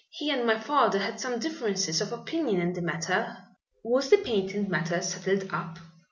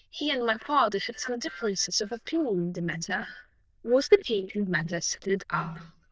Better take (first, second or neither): first